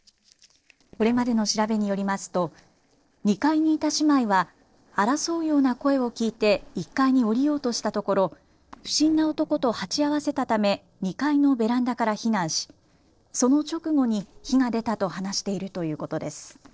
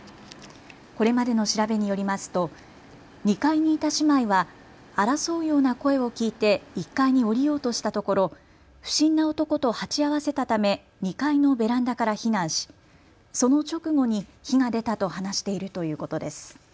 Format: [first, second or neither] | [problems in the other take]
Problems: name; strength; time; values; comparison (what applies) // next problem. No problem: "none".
second | noise reduction (neural separator model SepFormer DNS4)